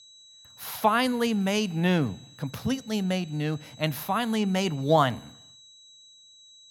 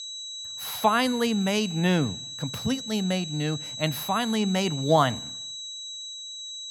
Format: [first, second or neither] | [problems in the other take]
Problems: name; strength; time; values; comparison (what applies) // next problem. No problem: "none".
first | high-pitched whine; loud; throughout; 4 kHz, 9 dB below the speech; faint in the first